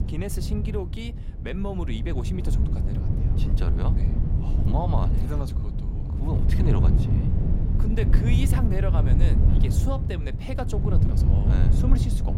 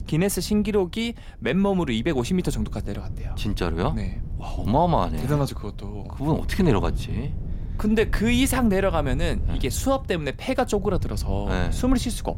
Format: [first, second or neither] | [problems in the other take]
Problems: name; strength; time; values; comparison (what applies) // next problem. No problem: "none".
second | wind noise on the microphone; heavy; 1 dB below the speech; occasional gusts in the second